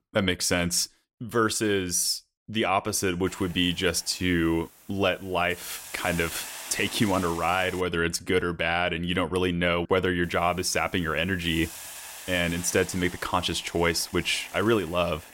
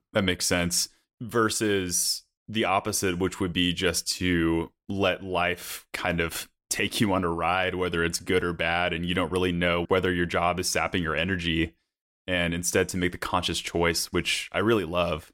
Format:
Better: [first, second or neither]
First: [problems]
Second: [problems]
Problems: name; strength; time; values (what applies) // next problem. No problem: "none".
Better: second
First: hiss; noticeable; from 3.5 to 8 s and from 10 s on; 15 dB below the speech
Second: none